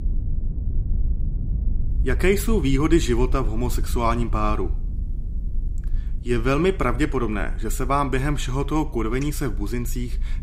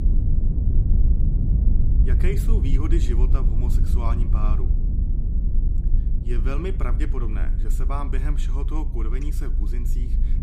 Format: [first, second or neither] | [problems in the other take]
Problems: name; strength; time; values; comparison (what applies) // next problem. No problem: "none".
first | low rumble; loud; throughout; 5 dB below the speech; faint in the first